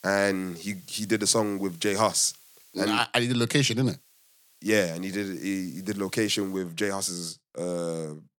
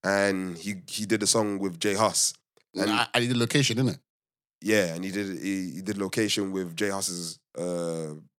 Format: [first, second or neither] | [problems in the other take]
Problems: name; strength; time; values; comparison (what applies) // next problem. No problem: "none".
second | hiss; faint; until 3 s and from 4 to 6.5 s; 25 dB below the speech